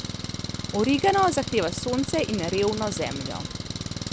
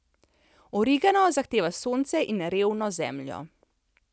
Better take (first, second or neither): second